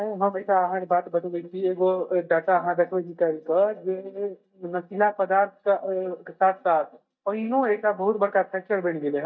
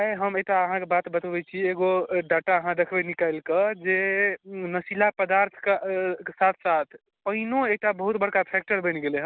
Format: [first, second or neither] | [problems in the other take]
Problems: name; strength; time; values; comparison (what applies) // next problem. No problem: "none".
second | noise reduction (neural mask model DeepFilterNet 3)